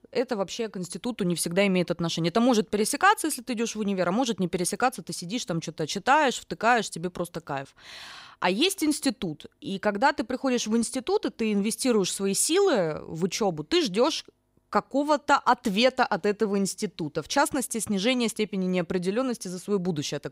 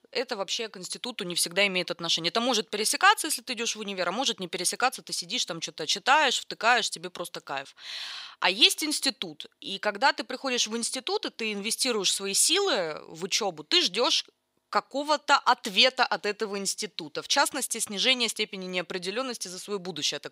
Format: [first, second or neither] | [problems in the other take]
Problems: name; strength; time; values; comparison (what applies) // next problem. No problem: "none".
first | thin; somewhat; fading below 750 Hz